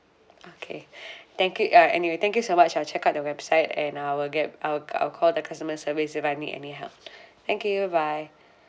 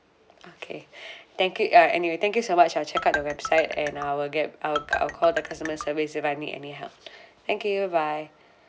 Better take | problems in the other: first | background sound (Marimba, xylophone); 7 dB below the speech

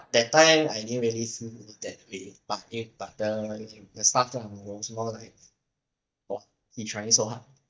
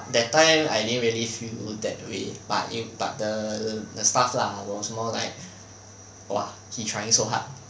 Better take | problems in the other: second | noise reduction (neural mask model DeepFilterNet 3)

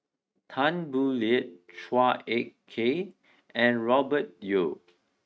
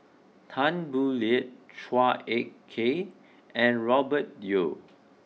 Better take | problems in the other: second | noise reduction (neural mask model RNNoise)

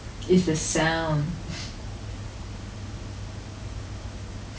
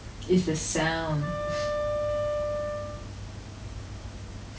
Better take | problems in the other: first | background sound (Wind instrument, woodwind instrument); 1 dB below the speech

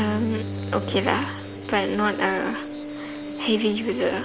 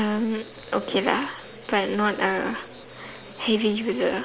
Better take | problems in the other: second | background sound (Bowed string instrument); 8 dB below the speech

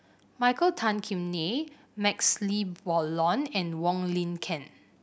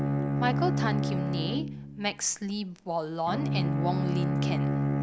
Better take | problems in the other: first | background sound (Bowed string instrument); 4 dB above the speech

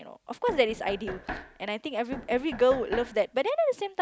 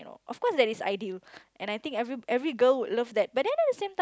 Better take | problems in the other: second | background sound (Knock); 13 dB below the speech

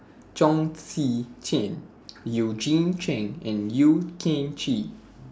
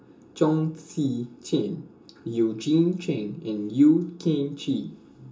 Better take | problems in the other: first | room echo; dies away in 0.2 s

